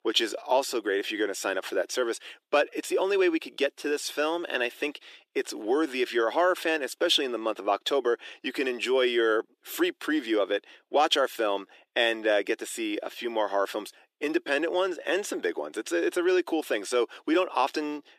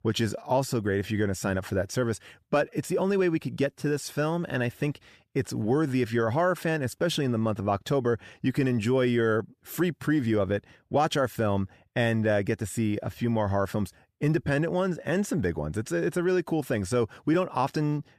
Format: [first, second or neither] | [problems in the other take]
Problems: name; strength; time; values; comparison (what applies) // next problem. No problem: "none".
second | thin; very; fading below 350 Hz